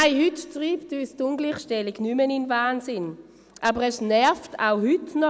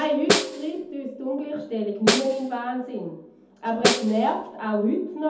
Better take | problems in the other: first | background sound (Snare drum); 1 dB below the speech // room echo; dies away in 0.6 s

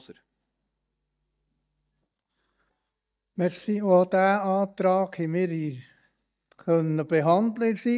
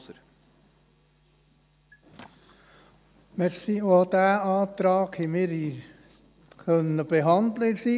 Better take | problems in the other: second | noise reduction (neural mask model DeepFilterNet 3)

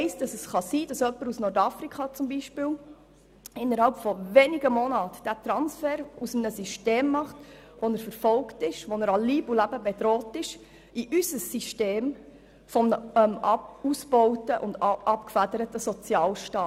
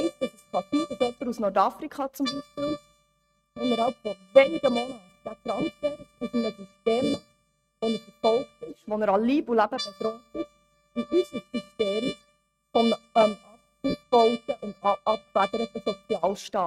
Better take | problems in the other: first | noise reduction (neural mask model RNNoise)

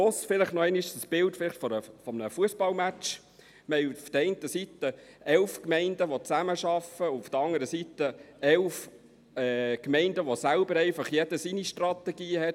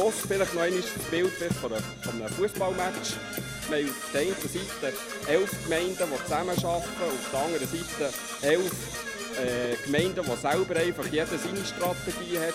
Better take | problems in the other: first | background sound (Brass instrument / Percussion); 6 dB below the speech

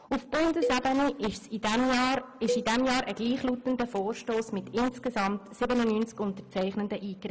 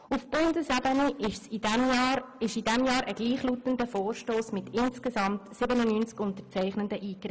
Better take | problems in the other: second | background sound (Cowbell); 9 dB below the speech

